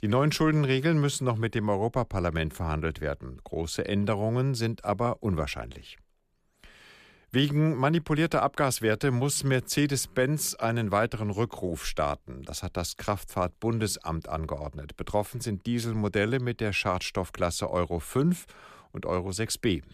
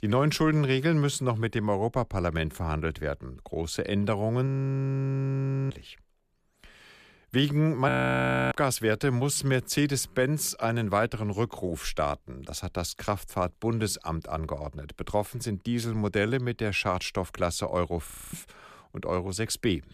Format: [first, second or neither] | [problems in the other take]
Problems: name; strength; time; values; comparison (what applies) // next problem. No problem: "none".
first | audio freezing; at 4.5 s for 1 s, at 8 s for 0.5 s and at 18 s